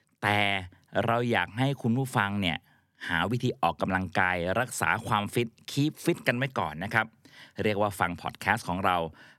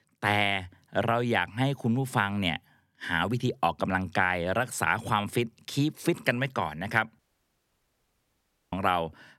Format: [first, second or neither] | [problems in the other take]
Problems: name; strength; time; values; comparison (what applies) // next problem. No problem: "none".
first | audio cutting out; at 7 s for 1.5 s